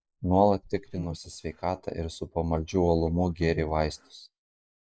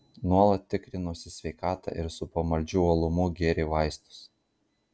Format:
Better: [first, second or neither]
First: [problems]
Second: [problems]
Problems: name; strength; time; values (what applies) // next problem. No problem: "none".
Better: second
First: noise reduction (neural mask model Resemble Enhance denoiser)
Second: none